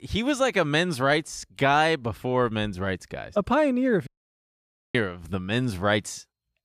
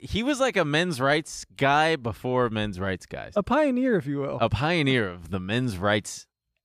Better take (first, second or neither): second